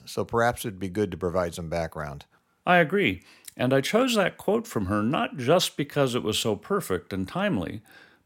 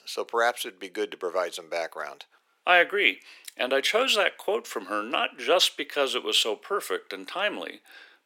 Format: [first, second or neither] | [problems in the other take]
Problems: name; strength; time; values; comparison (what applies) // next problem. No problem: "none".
first | thin; very; fading below 350 Hz